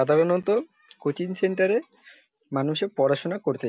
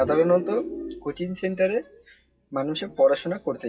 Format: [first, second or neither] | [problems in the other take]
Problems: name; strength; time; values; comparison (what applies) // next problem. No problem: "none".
first | noise reduction (classical method WPE with log-MMSE)